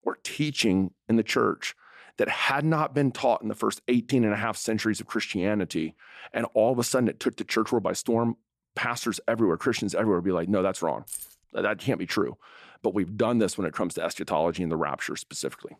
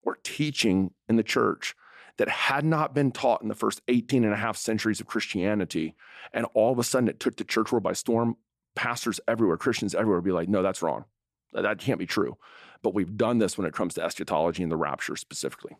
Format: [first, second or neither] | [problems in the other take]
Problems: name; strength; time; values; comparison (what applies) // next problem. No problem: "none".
second | jangling keys; noticeable; at 11 s; peak 10 dB below the speech